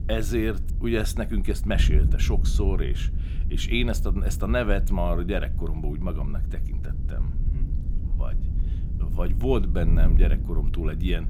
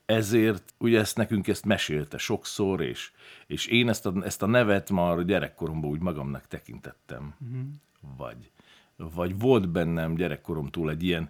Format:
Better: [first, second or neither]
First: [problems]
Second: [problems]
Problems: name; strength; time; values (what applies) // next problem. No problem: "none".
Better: second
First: wind noise on the microphone; occasional gusts; 15 dB below the speech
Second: none